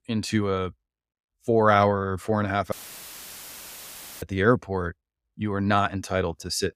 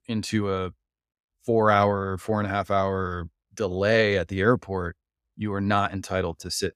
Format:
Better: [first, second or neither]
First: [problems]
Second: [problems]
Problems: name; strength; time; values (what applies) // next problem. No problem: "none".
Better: second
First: audio cutting out; filled with static; at 2.5 s for 1.5 s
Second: none